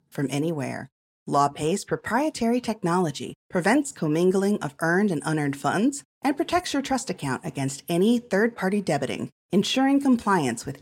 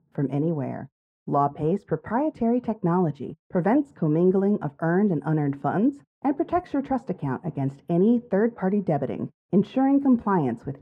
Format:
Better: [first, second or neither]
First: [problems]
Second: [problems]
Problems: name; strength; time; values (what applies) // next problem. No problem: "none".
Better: first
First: none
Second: muffled; very; fading above 2.5 kHz